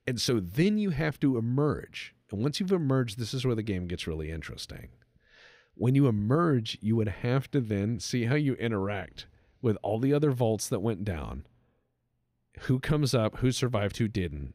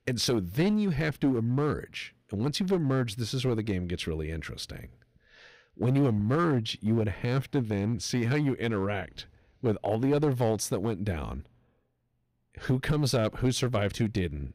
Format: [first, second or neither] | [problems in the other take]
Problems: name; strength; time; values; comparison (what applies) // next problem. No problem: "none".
first | distortion; slight; 5% of the sound clipped